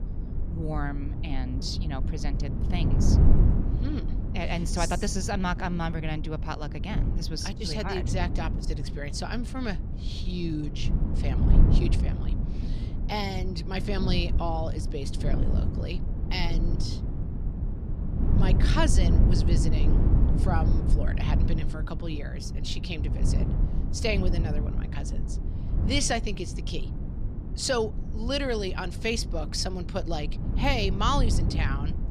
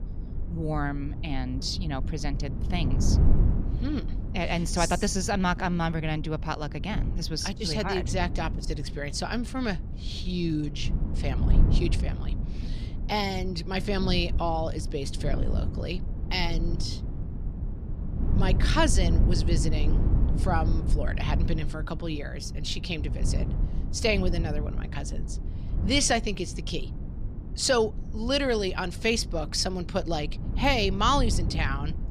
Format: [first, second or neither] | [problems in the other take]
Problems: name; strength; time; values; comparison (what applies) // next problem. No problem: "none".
second | wind noise on the microphone; heavy; 8 dB below the speech; occasional gusts in the second